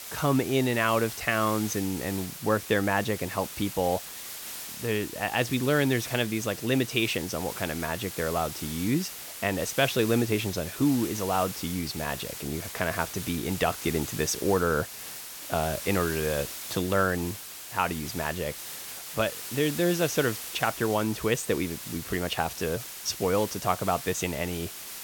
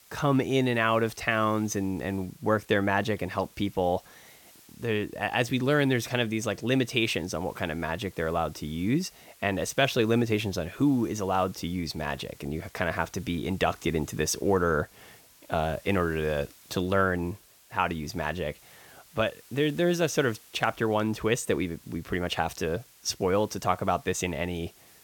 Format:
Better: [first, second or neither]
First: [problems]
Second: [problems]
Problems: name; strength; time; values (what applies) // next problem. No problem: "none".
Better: second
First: hiss; loud; throughout; 8 dB below the speech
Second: hiss; faint; throughout; 25 dB below the speech